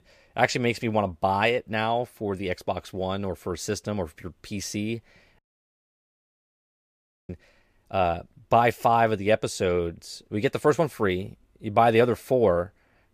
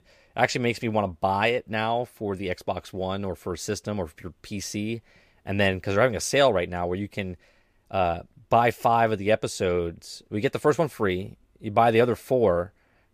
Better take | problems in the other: second | audio cutting out; at 5.5 s for 2 s

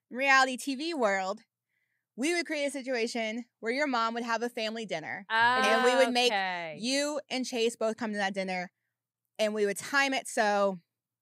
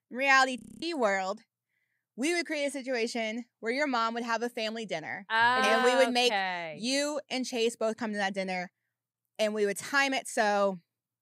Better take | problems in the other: first | audio freezing; at 0.5 s

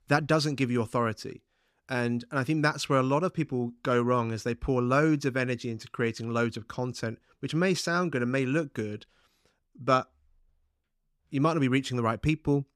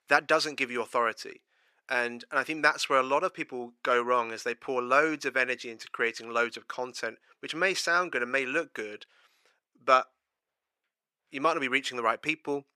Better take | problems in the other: first | thin; very; fading below 550 Hz

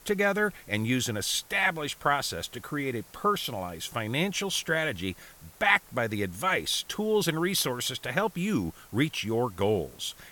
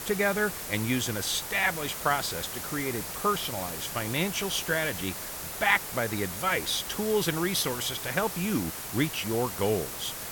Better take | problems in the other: first | hiss; loud; throughout; 6 dB below the speech; faint in the first

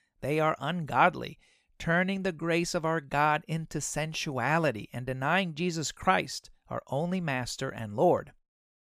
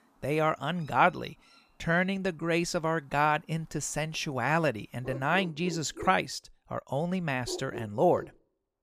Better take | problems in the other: first | animal sounds; noticeable; throughout; 15 dB below the speech

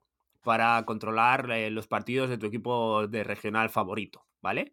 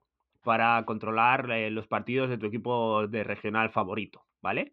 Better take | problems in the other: first | muffled; slightly; fading above 3 kHz

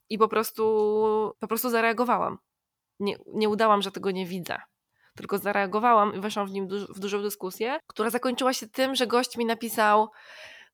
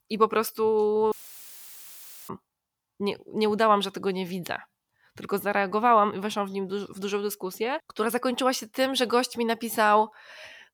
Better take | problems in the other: first | audio cutting out; filled with static; at 1 s for 1 s

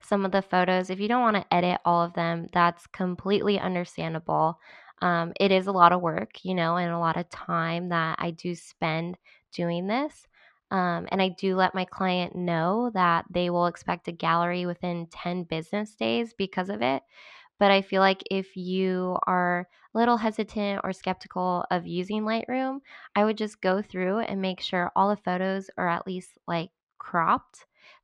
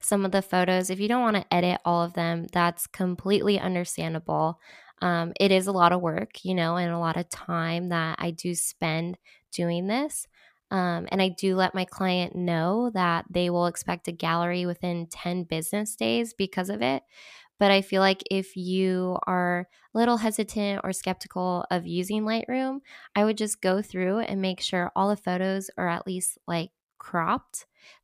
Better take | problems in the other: second | muffled; very slightly; fading above 4.5 kHz

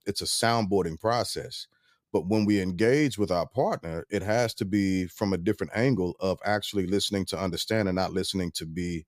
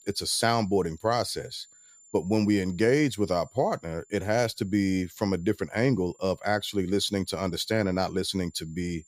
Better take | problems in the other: first | high-pitched whine; faint; throughout; 7 kHz, 30 dB below the speech

